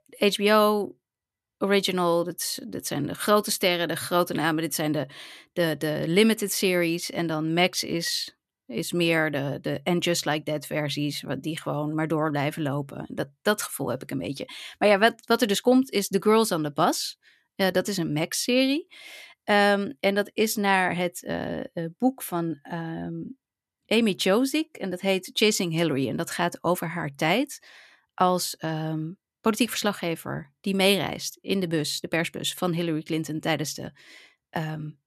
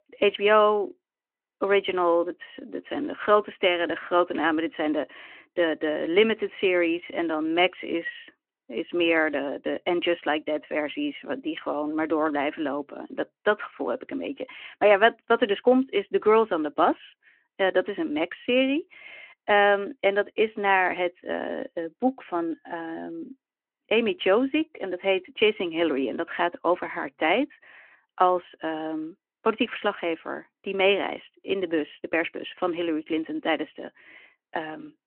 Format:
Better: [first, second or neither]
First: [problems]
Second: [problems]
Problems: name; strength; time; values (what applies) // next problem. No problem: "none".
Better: first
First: none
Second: phone-call audio